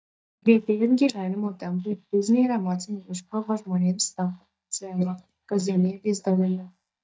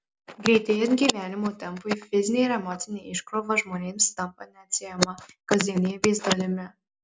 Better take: second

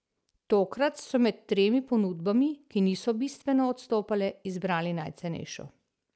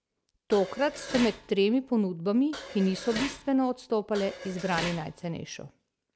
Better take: first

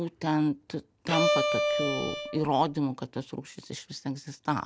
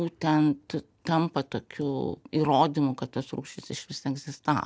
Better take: second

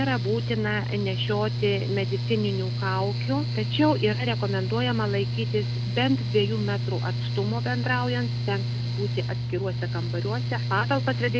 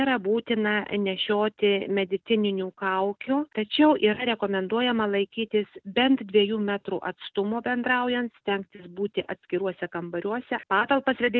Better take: second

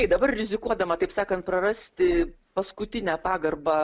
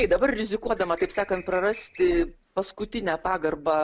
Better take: first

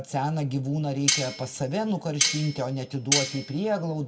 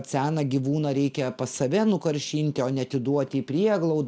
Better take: second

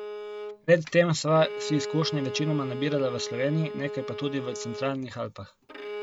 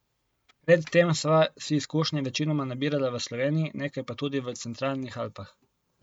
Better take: second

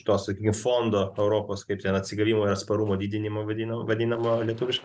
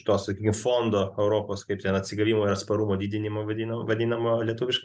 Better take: second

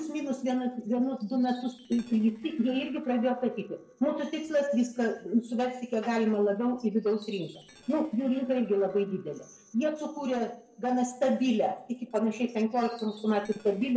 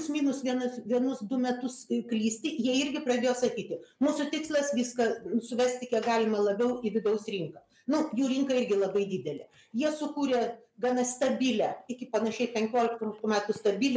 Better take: second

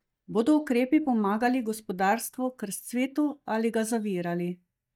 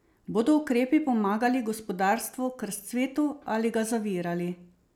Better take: second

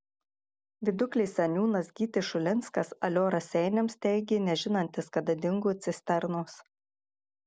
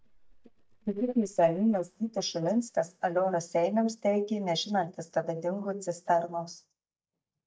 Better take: first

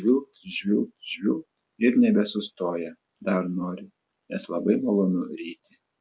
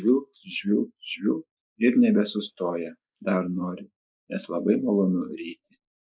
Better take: first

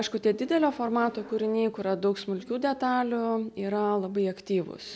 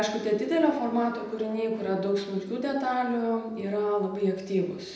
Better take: first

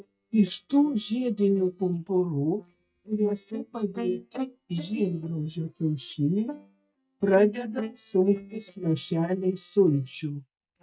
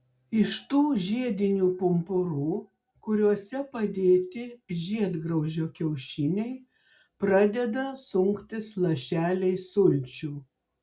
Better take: second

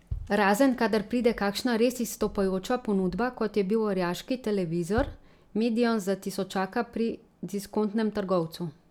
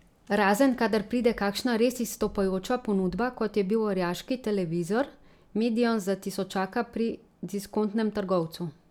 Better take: second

